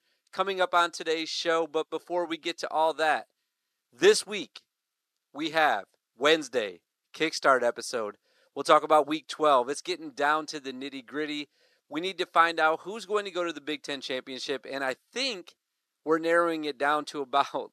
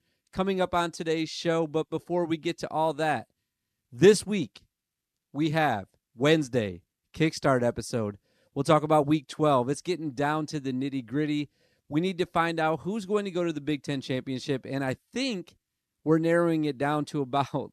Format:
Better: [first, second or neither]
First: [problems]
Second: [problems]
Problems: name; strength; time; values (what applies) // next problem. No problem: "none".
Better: second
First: thin; somewhat; fading below 500 Hz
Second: none